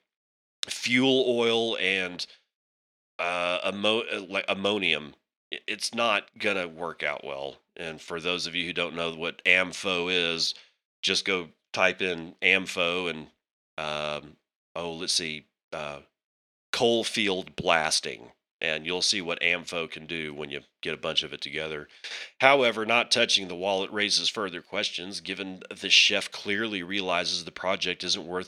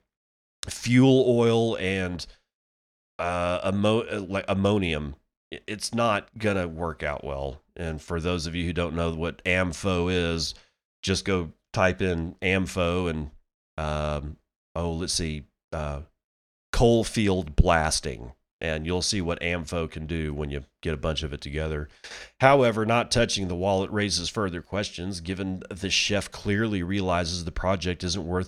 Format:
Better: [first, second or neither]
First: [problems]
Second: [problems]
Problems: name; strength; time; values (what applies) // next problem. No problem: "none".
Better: second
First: thin; very slightly; fading below 250 Hz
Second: none